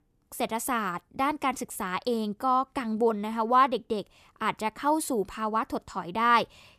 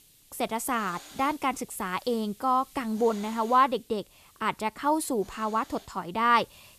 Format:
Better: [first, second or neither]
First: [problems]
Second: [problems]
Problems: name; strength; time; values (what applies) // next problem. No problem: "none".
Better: first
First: none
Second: hiss; faint; throughout; 20 dB below the speech